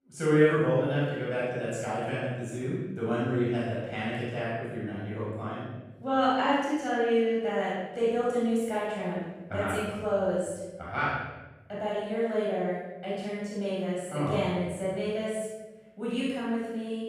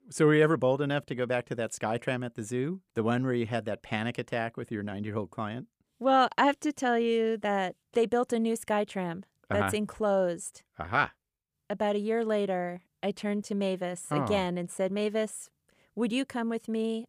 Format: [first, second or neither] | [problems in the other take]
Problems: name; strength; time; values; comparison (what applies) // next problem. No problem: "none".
second | off-mic speech; far // room echo; strong; dies away in 1.1 s